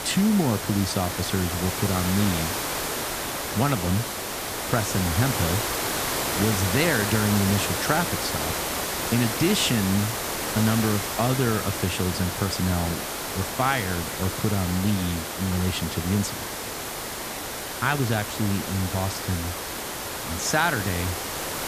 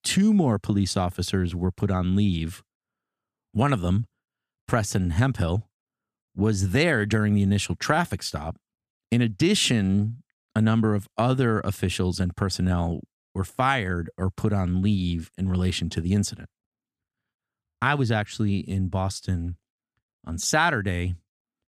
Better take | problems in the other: second | hiss; loud; throughout; 2 dB below the speech

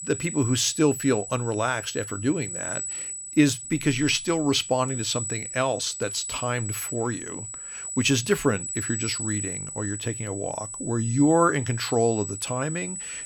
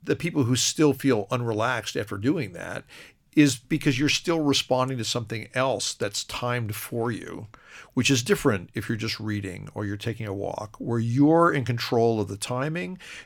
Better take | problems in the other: second | high-pitched whine; loud; throughout; 8 kHz, 6 dB below the speech

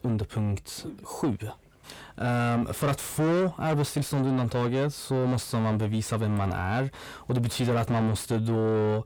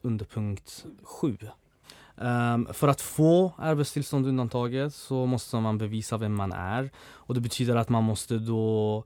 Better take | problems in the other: second | distortion; heavy; 7 dB below the speech

